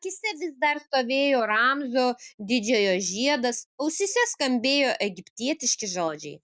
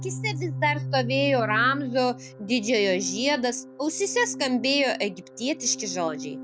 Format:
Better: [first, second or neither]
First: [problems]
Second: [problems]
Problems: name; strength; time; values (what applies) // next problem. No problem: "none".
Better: first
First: none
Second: background sound (Organ); 9 dB below the speech